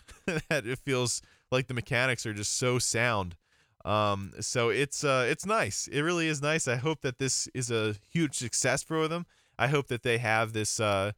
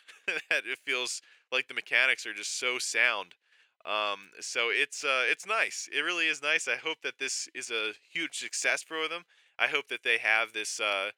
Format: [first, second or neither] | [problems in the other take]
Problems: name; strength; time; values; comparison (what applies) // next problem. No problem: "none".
first | thin; very; fading below 350 Hz